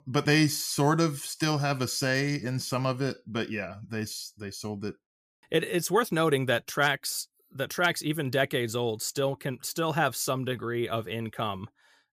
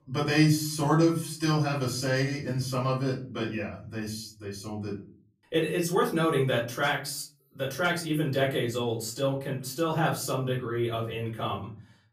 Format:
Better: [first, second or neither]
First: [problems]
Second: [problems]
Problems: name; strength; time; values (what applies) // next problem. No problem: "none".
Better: first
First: none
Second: off-mic speech; far // room echo; slight; dies away in 0.4 s